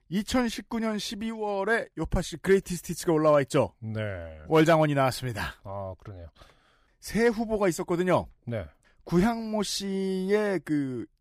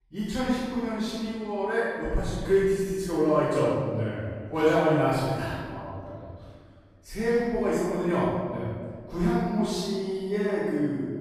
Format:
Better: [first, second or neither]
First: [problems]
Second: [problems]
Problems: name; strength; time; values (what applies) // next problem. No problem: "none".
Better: first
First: none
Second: off-mic speech; far // room echo; strong; dies away in 1.7 s